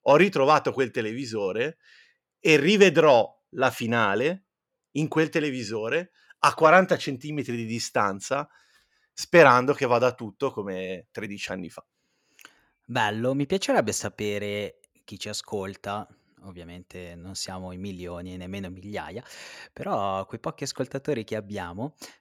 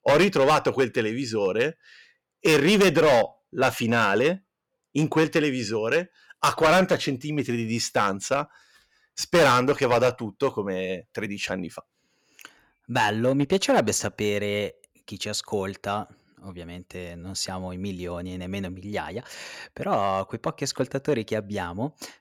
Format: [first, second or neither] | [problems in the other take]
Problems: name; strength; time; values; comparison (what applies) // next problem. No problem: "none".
first | distortion; heavy; 4% of the sound clipped